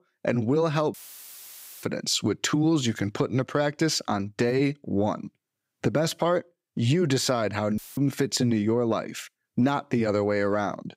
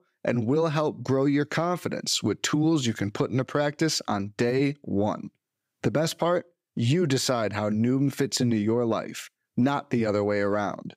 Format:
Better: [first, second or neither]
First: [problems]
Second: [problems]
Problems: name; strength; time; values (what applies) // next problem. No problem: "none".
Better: second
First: audio cutting out; filled with static; at 1 s for 1 s and at 8 s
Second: none